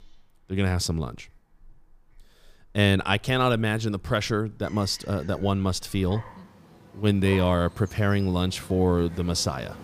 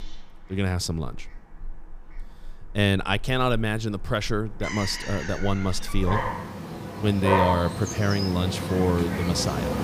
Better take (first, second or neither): first